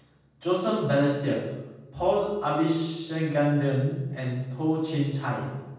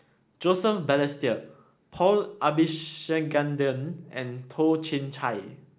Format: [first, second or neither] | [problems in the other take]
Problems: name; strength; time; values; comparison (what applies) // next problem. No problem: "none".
second | room echo; dies away in 1.2 s